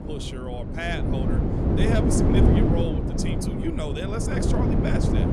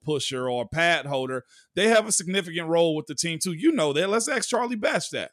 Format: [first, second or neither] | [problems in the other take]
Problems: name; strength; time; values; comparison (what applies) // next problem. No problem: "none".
second | wind noise on the microphone; heavy; 3 dB above the speech